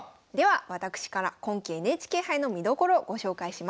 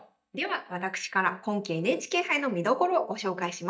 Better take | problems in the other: first | noise reduction (neural mask model DeepFilterNet 3)

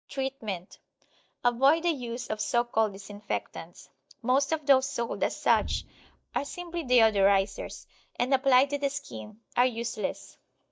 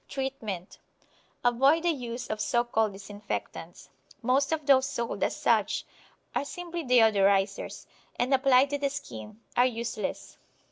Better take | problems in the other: second | noise reduction (neural mask model DeepFilterNet 3)

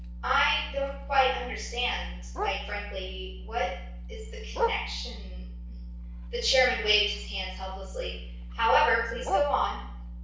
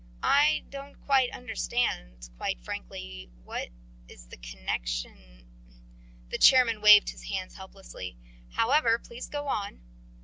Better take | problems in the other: second | background sound (Bark); 11 dB below the speech // room echo; dies away in 0.6 s

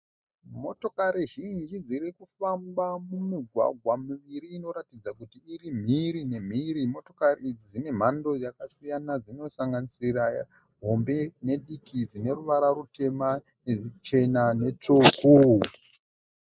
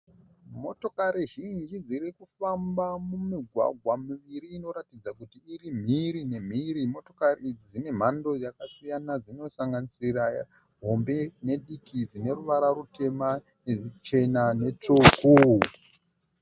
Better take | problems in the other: second | noise reduction (neural mask model Resemble Enhance denoiser)

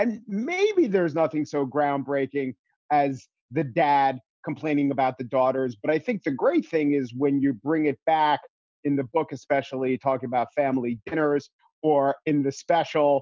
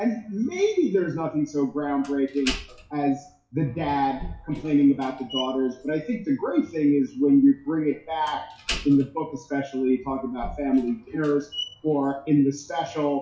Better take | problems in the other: first | noise reduction (classical method WPE with log-MMSE)

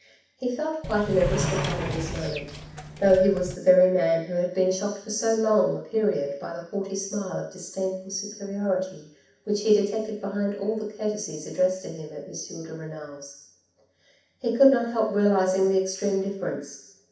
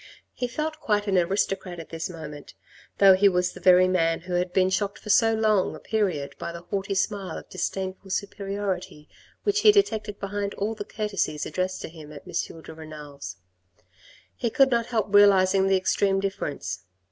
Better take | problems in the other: second | background sound (Sliding door); 5 dB below the speech // room echo; dies away in 0.7 s

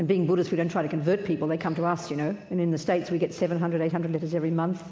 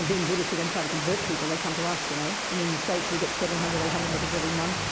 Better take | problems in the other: first | background sound (Water); as loud as the speech

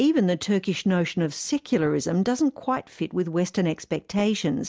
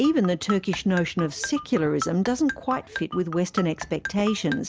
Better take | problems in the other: first | background sound (Marimba, xylophone); 11 dB below the speech

